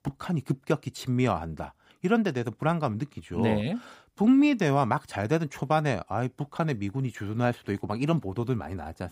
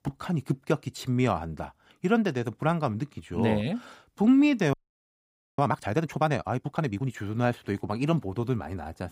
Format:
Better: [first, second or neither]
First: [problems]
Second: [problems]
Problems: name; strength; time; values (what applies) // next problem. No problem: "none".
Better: first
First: none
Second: audio freezing; at 4.5 s for 1 s